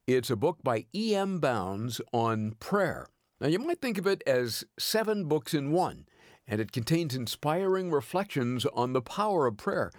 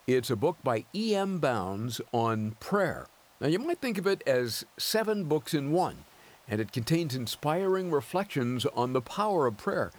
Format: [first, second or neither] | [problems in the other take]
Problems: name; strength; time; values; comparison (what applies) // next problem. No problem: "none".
first | hiss; faint; throughout; 25 dB below the speech